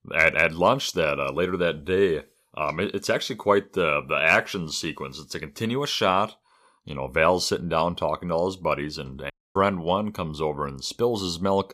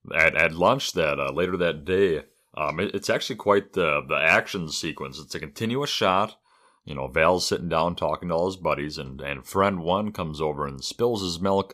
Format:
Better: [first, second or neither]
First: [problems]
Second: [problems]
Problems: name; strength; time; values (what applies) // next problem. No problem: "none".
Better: second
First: audio cutting out; at 9.5 s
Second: none